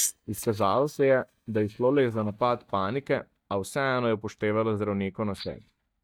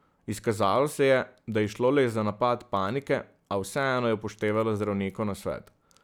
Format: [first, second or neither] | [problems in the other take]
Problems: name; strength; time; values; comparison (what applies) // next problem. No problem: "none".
second | noise reduction (neural mask model DeepFilterNet 3)